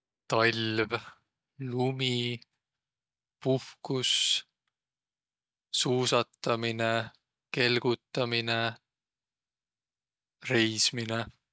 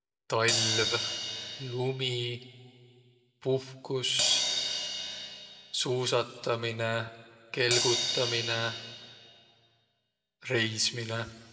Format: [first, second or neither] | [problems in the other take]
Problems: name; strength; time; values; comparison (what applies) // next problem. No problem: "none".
first | background sound (Crash cymbal); 2 dB below the speech // room echo; dies away in 1.5 s